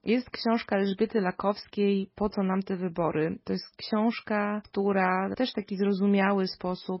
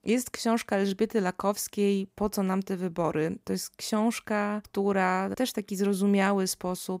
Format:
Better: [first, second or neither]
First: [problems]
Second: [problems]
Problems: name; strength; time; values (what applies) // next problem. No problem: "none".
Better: second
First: garbled, watery; badly; nothing above 5.5 kHz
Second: none